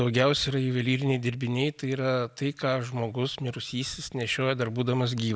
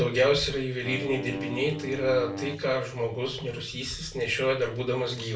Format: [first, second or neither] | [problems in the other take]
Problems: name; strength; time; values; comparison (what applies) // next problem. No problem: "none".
first | background sound (Wind instrument, woodwind instrument); 10 dB below the speech // room echo; dies away in 0.3 s